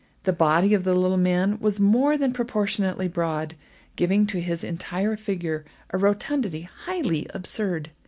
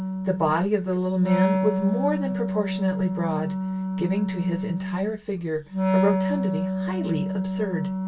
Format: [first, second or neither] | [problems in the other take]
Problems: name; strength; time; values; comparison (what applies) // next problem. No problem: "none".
first | background sound (Wind instrument, woodwind instrument); as loud as the speech // room echo; dies away in 0.1 s